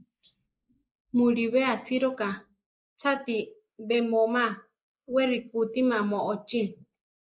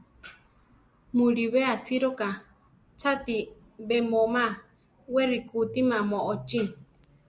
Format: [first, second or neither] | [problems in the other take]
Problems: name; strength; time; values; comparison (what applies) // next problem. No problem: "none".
second | noise reduction (neural mask model Resemble Enhance denoiser)